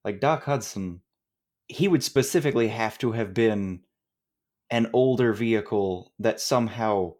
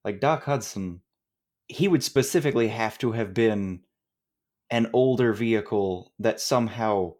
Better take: neither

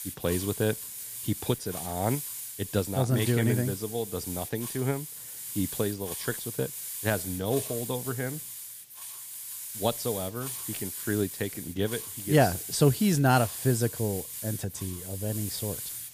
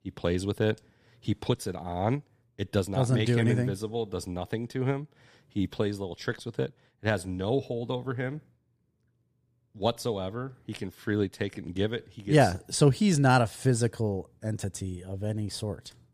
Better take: second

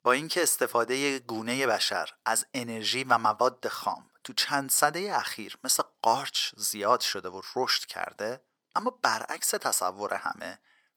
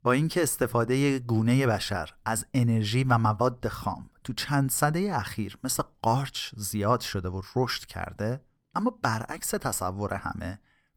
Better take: second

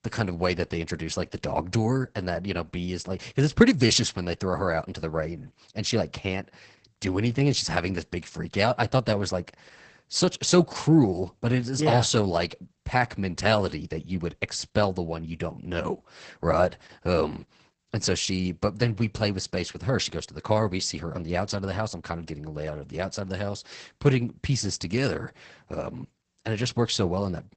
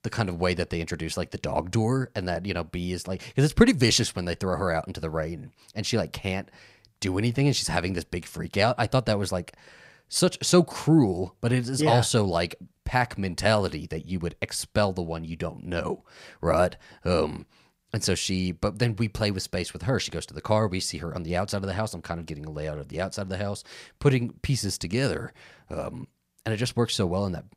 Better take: second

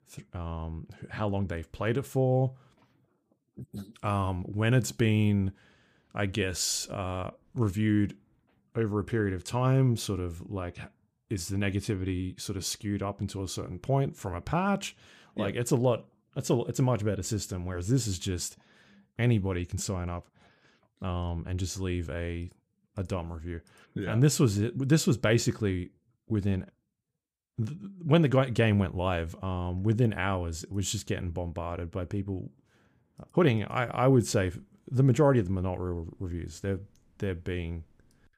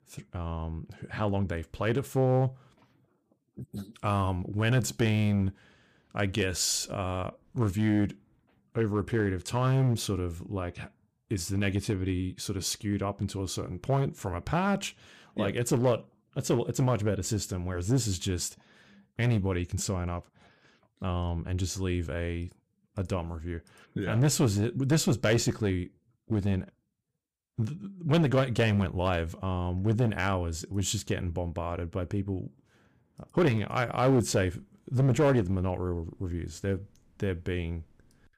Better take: first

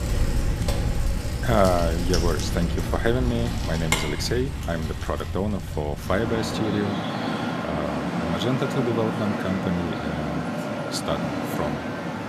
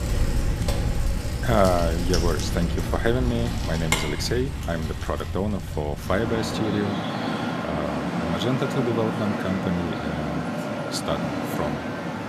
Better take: neither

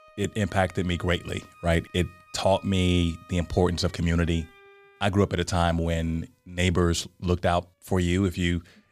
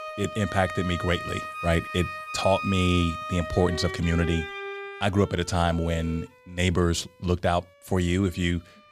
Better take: first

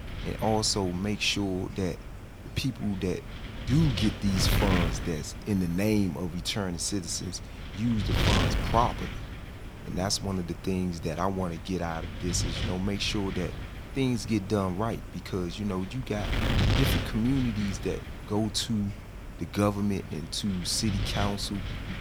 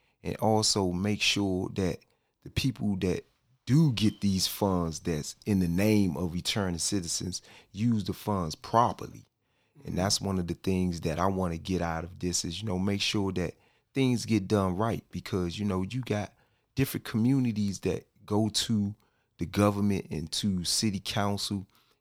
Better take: second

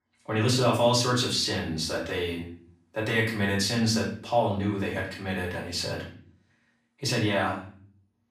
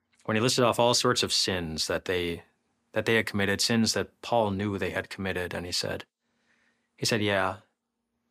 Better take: second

